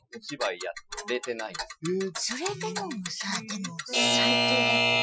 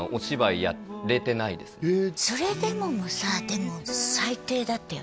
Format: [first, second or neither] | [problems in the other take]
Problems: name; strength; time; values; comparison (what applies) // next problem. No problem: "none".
second | noise reduction (classical method Wiener filter)